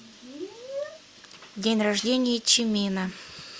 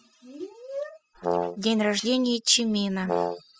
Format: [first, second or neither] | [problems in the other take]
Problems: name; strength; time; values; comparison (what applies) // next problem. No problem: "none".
first | noise reduction (classical method spectral subtraction)